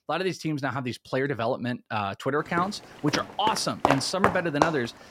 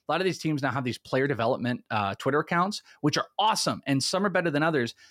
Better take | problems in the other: second | footsteps; loud; from 2.5 s on; peak 3 dB above the speech

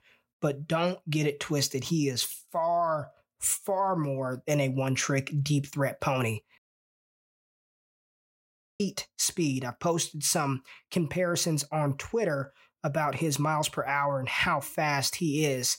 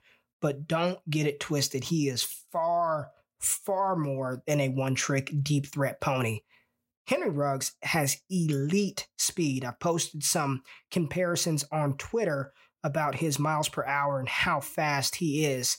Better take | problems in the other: second | audio cutting out; at 6.5 s for 2 s

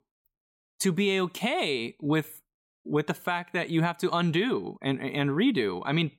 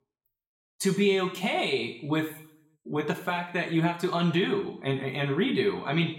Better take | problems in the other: first | room echo; slight; dies away in 0.6 s // off-mic speech; somewhat distant

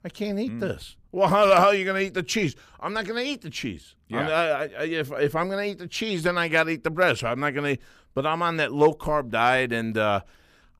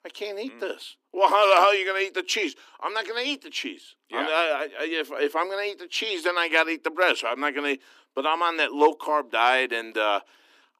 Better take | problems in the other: first | thin; somewhat; fading below 250 Hz

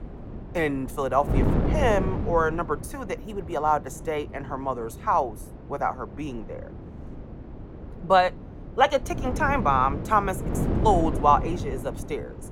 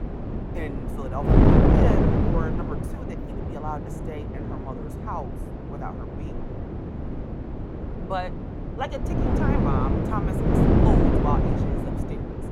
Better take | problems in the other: first | wind noise on the microphone; heavy; 4 dB above the speech; occasional gusts in the first

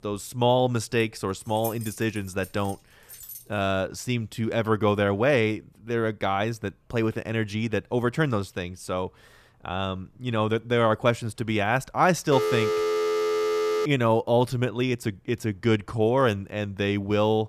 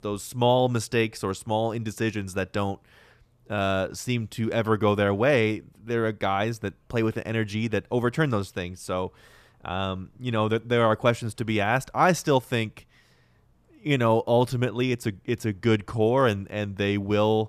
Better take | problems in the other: second | jangling keys; faint; from 1 to 3.5 s; peak 10 dB below the speech // phone ringing; loud; from 12 to 14 s; peak 1 dB above the speech

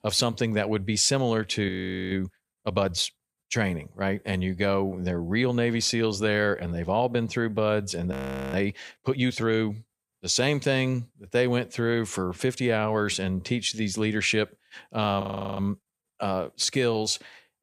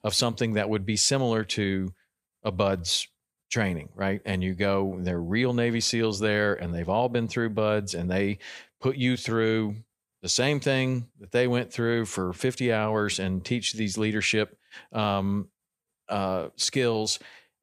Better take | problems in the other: second | audio freezing; at 1.5 s, at 8 s and at 15 s

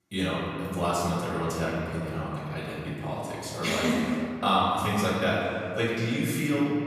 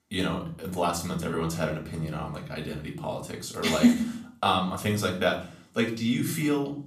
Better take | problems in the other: second | room echo; strong; dies away in 2.1 s; slight in the second // off-mic speech; far; somewhat distant in the second

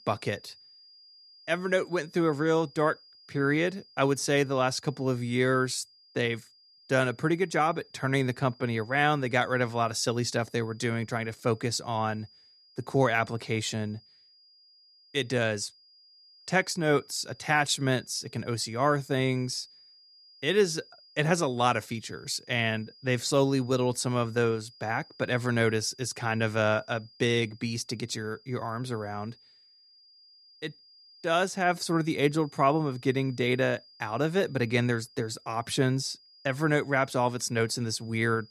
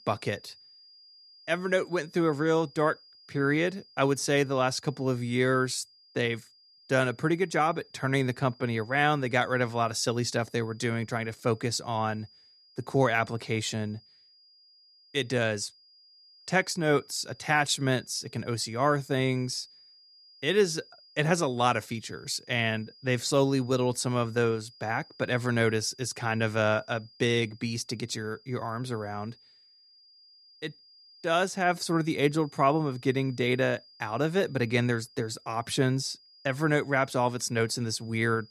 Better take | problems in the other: neither | high-pitched whine; faint; throughout; 5 kHz, 25 dB below the speech; the same in both

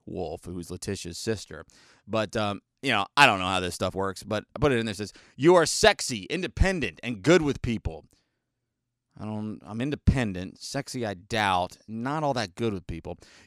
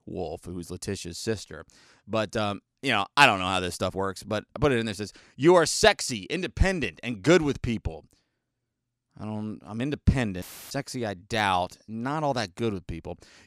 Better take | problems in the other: first | audio cutting out; filled with static; at 10 s

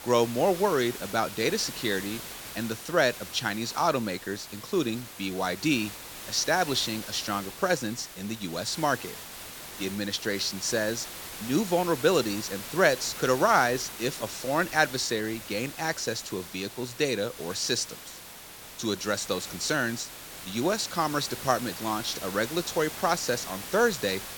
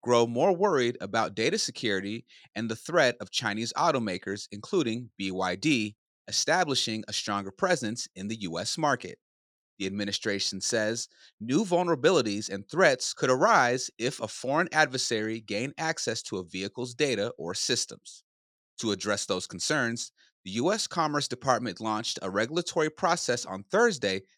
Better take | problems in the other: second | hiss; noticeable; throughout; 10 dB below the speech

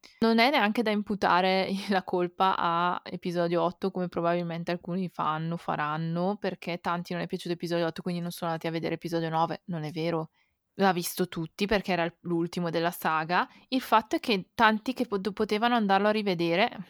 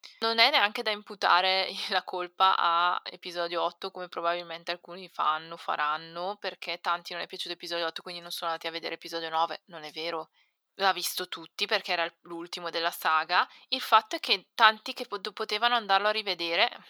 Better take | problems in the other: first | thin; very; fading below 600 Hz

